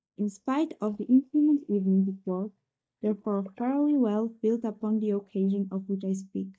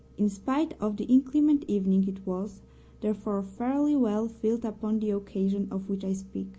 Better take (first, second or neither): second